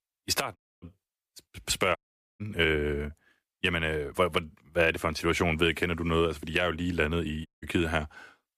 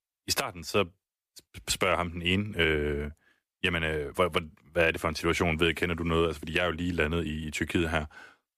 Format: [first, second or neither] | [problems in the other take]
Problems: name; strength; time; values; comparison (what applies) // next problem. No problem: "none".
second | audio cutting out; at 0.5 s, at 2 s and at 7.5 s